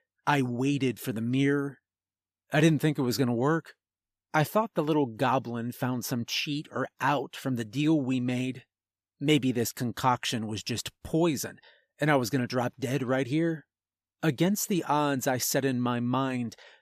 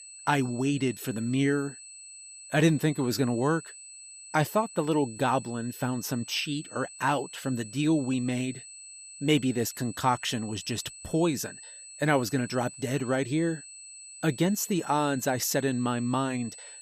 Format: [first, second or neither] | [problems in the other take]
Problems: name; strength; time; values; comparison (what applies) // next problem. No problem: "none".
first | high-pitched whine; noticeable; throughout; 8 kHz, 15 dB below the speech